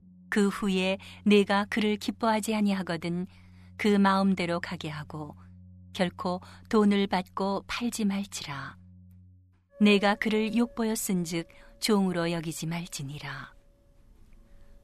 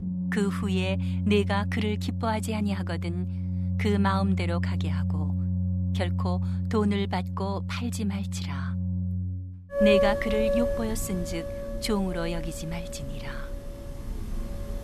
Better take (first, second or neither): first